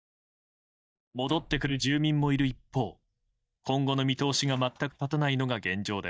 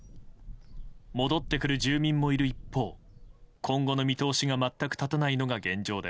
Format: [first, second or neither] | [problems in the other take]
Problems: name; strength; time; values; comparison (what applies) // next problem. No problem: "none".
second | noise reduction (neural mask model DeepFilterNet 3)